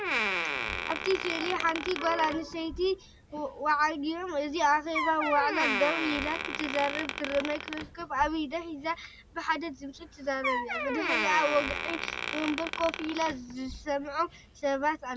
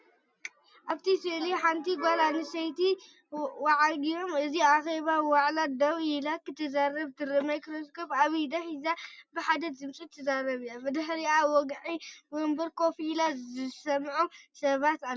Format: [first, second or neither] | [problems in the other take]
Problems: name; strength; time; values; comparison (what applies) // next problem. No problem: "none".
second | background sound (Door); 4 dB below the speech